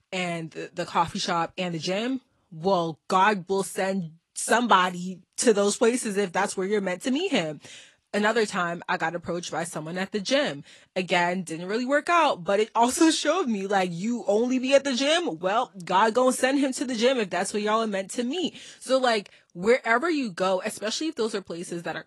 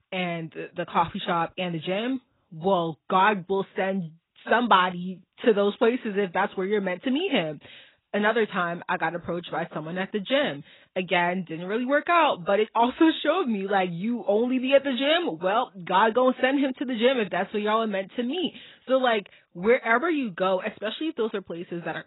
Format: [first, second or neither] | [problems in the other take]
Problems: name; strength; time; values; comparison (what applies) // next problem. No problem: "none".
first | garbled, watery; badly; nothing above 4 kHz; slightly in the first